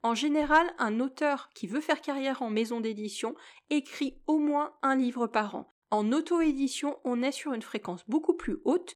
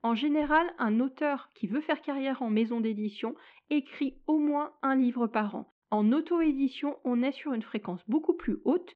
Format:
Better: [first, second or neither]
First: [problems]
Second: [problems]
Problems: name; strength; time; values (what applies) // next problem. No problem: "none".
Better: first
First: none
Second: muffled; slightly; fading above 3 kHz